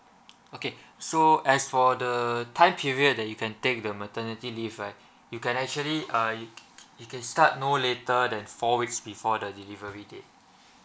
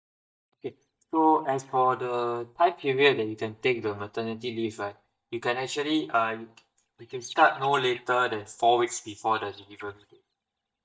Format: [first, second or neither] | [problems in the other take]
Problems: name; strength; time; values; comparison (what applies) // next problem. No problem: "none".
first | noise reduction (neural mask model DeepFilterNet 3)